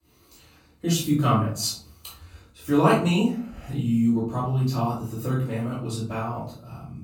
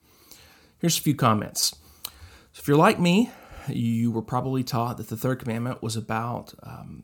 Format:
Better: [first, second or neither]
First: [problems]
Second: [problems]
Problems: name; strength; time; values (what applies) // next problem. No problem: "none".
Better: second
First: room echo; noticeable; dies away in 0.4 s // off-mic speech; far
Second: none